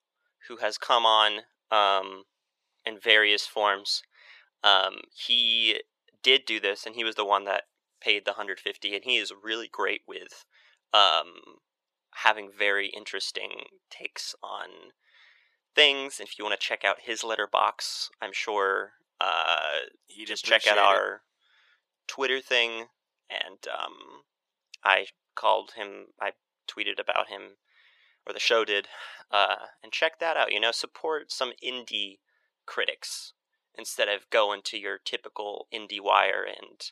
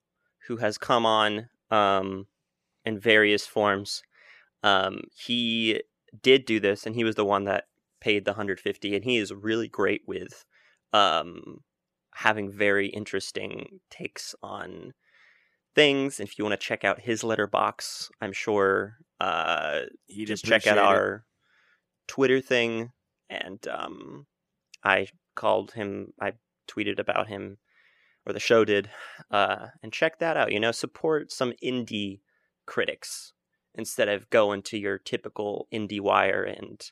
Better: second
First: thin; very; fading below 600 Hz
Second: none

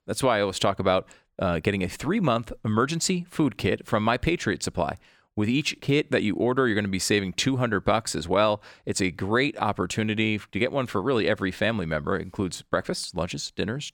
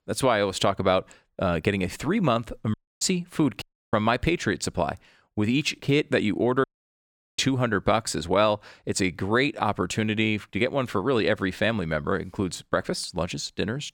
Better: first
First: none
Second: audio cutting out; at 2.5 s, at 3.5 s and at 6.5 s for 0.5 s

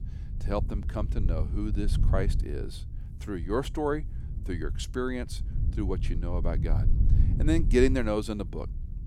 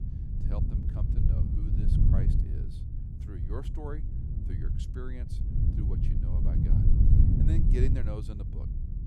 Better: first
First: wind noise on the microphone; occasional gusts; 15 dB below the speech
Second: wind noise on the microphone; heavy; 3 dB above the speech

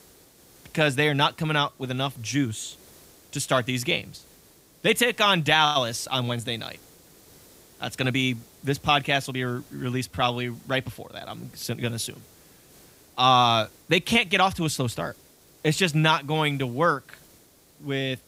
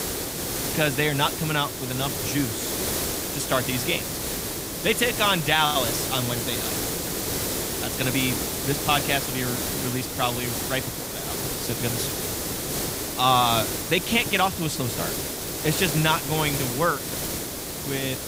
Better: first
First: hiss; faint; throughout; 30 dB below the speech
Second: hiss; loud; throughout; 2 dB below the speech

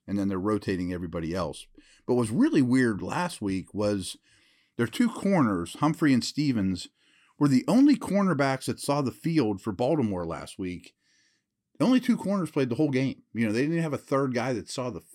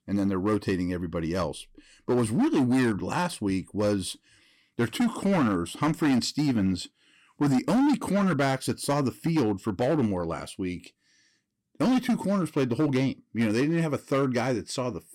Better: first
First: none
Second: distortion; slight; 9% of the sound clipped

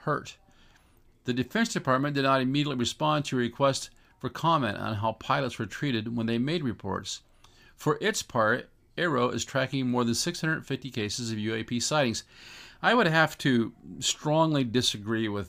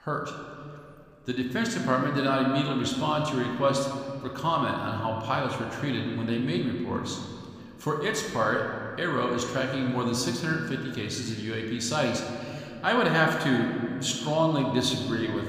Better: first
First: none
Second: room echo; noticeable; dies away in 2.1 s

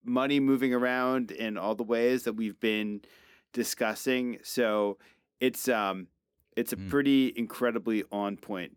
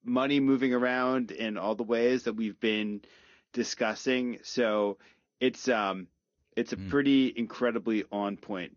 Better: first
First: none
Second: garbled, watery; slightly; nothing above 6.5 kHz

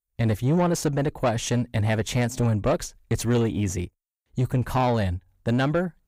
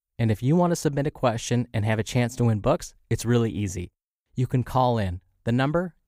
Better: second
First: distortion; slight; 10 dB below the speech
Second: none

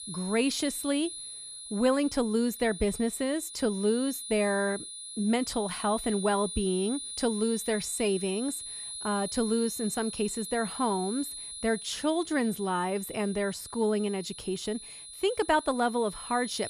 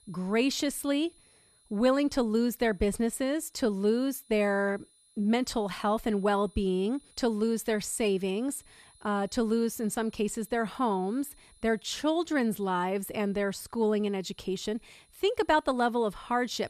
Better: second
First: high-pitched whine; loud; throughout; 9.5 kHz, 9 dB below the speech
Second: high-pitched whine; faint; throughout; 9.5 kHz, 30 dB below the speech

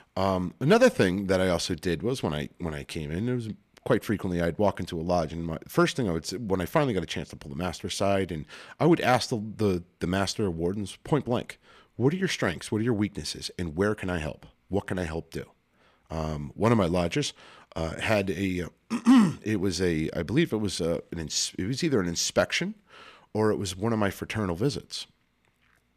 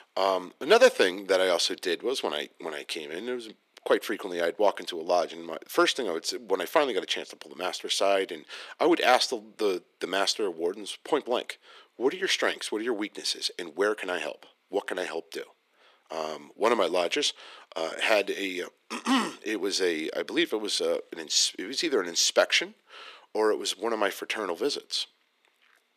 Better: first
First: none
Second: thin; somewhat; fading below 350 Hz

